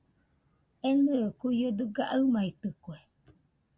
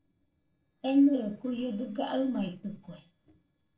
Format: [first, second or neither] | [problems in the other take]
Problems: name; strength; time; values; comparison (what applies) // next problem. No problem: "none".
first | noise reduction (neural separator model SepFormer DNS4)